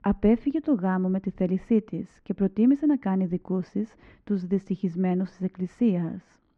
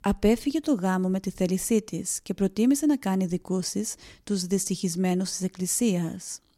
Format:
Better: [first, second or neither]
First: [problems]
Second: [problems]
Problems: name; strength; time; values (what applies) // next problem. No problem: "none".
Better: second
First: muffled; very; fading above 2 kHz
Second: none